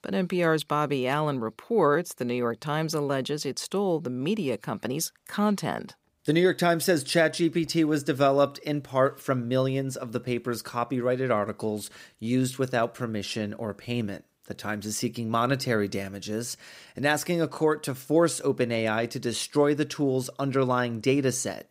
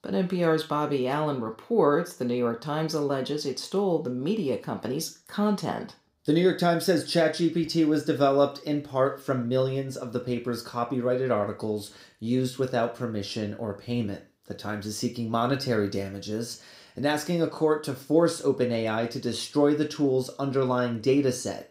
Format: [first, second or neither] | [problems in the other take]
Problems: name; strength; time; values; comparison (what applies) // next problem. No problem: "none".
first | room echo; very slight; dies away in 0.3 s